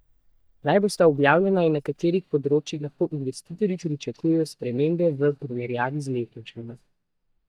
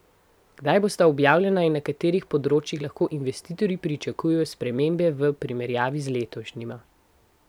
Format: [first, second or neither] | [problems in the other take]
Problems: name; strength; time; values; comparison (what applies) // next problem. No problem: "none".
second | noise reduction (neural mask model DeepFilterNet 3)